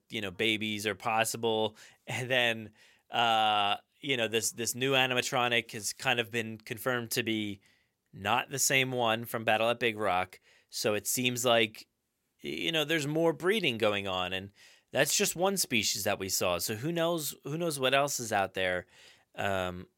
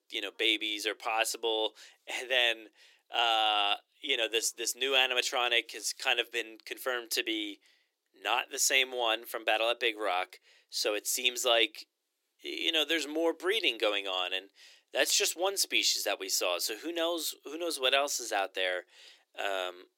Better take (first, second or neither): first